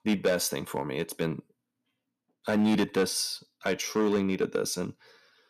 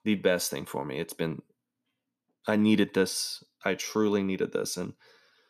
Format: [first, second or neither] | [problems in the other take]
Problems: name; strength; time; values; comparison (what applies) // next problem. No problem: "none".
second | distortion; slight; 4% of the sound clipped